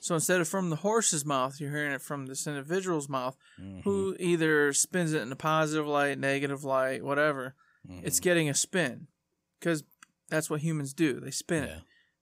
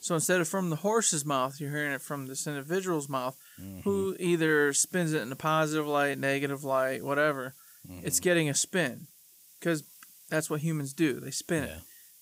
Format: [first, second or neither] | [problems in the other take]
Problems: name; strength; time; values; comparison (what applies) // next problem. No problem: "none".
first | hiss; faint; throughout; 20 dB below the speech